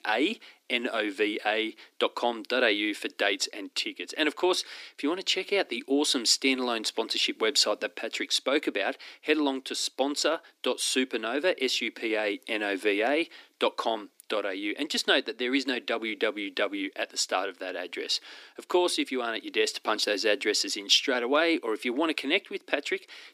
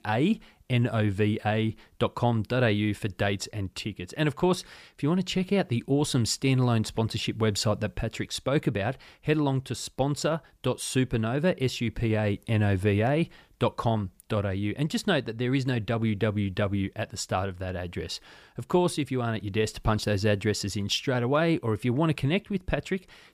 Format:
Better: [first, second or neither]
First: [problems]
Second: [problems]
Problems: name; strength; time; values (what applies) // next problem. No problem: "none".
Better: second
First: thin; somewhat; fading below 250 Hz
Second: none